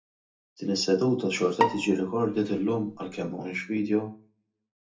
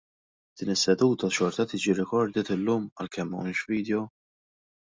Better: second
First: background sound (Bowed string instrument); 5 dB below the speech // room echo; dies away in 0.3 s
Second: none

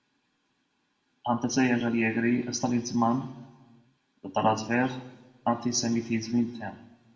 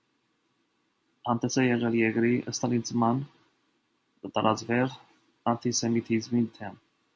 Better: second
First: room echo; dies away in 0.8 s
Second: none

